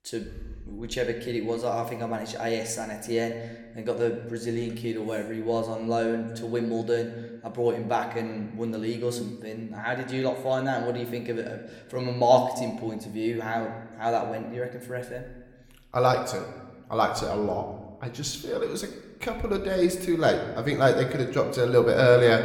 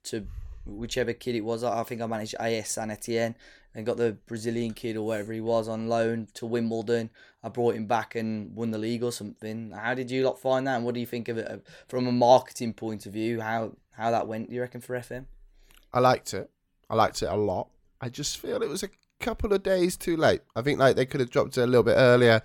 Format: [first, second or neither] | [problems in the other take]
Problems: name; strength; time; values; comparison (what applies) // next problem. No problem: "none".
second | room echo; slight; dies away in 1 s